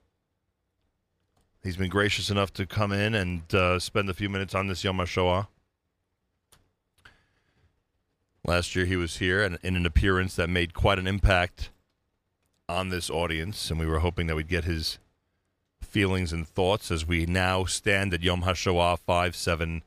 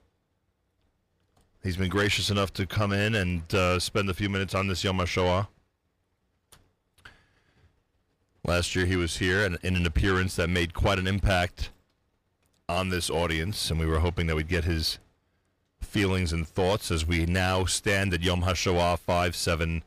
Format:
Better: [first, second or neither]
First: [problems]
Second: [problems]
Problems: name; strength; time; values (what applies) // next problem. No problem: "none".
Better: first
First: none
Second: distortion; slight; 10 dB below the speech